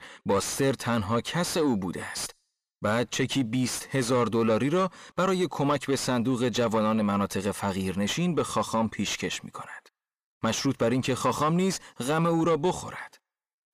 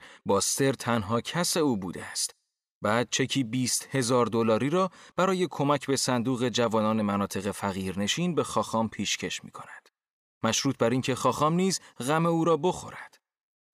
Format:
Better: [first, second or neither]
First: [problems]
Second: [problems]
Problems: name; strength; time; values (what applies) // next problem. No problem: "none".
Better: second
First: distortion; slight; 10 dB below the speech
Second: none